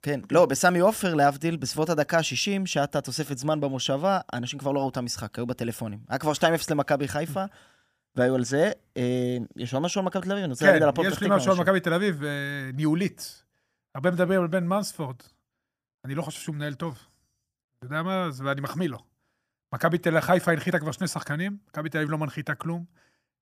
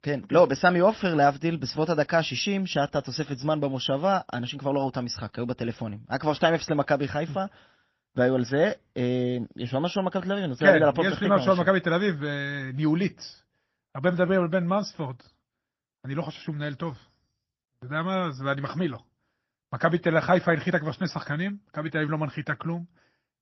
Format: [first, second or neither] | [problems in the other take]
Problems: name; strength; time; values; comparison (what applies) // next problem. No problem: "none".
first | garbled, watery; slightly; nothing above 5.5 kHz